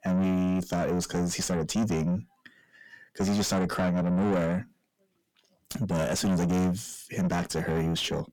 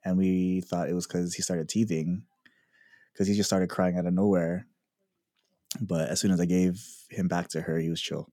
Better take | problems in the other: second | distortion; heavy; 6 dB below the speech

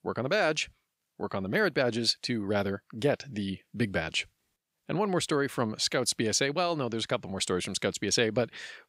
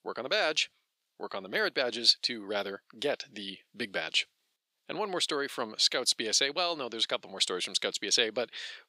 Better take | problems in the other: first | thin; somewhat; fading below 350 Hz

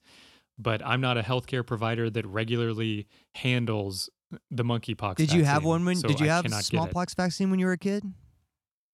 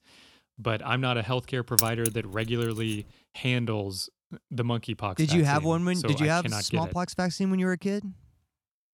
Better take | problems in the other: first | jangling keys; loud; at 2 s; peak 4 dB above the speech

